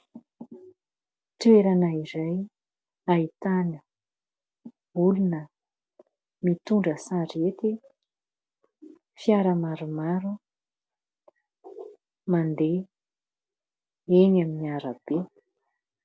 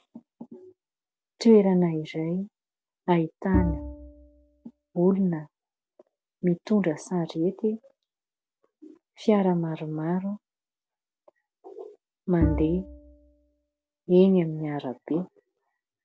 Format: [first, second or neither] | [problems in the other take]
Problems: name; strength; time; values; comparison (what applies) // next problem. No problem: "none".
first | background sound (Bowed string instrument); 4 dB below the speech